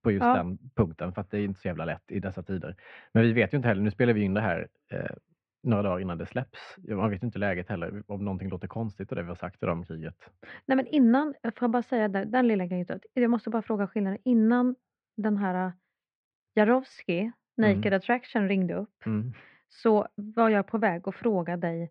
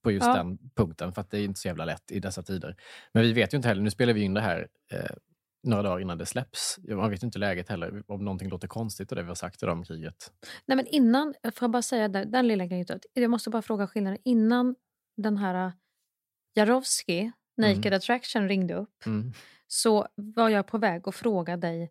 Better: second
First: muffled; very; fading above 2.5 kHz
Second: none

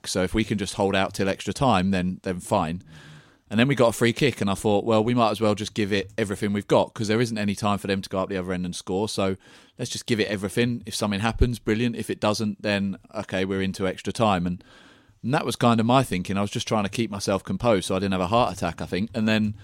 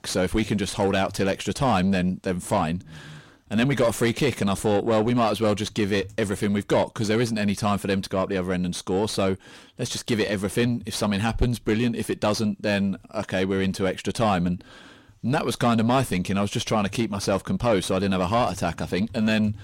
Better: first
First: none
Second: distortion; slight; 10 dB below the speech

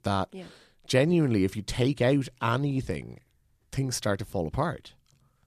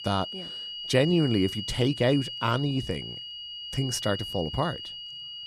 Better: first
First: none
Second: high-pitched whine; loud; throughout; 3 kHz, 8 dB below the speech

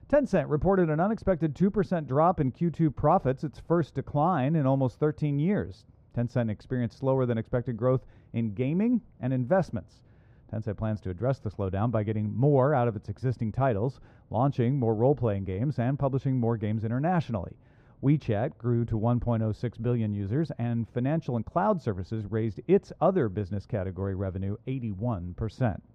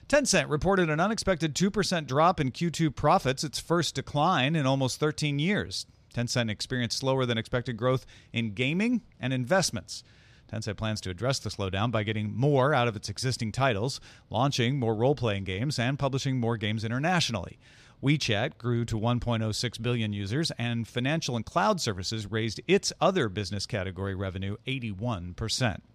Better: second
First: muffled; very; fading above 2 kHz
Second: none

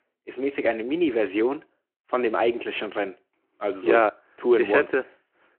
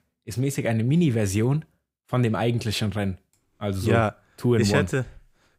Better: second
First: phone-call audio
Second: none

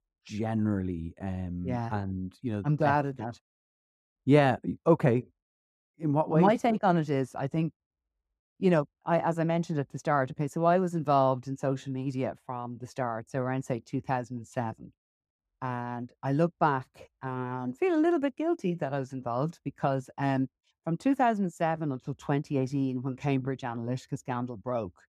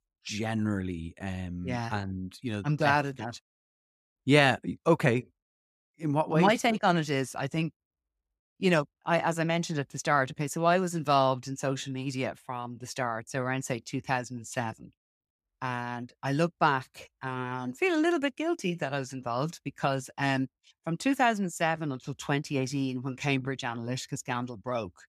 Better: second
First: muffled; slightly; fading above 1.5 kHz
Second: none

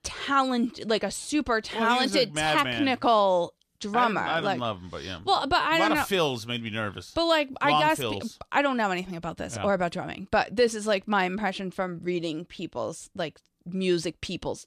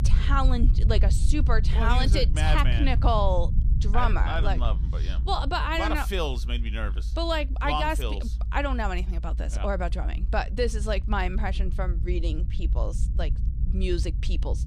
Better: first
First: none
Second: low rumble; noticeable; throughout; 15 dB below the speech

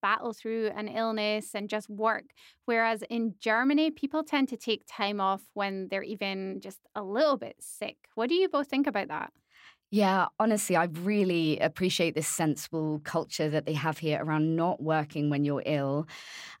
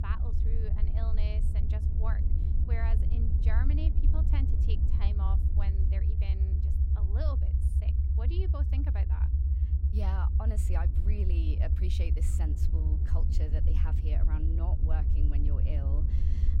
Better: first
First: none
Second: low rumble; loud; throughout; 1 dB below the speech

